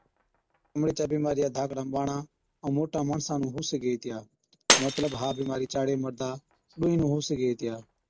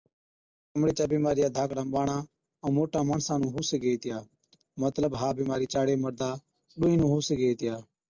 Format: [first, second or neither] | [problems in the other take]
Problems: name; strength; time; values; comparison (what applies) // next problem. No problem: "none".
second | background sound (Shatter); 6 dB below the speech